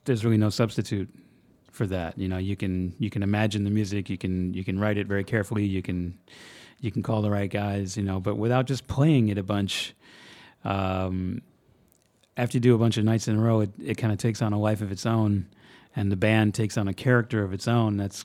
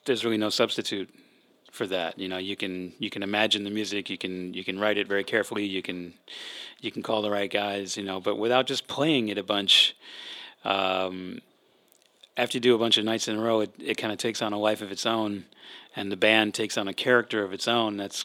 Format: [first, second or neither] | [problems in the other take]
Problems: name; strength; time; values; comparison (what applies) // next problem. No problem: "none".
first | thin; somewhat; fading below 400 Hz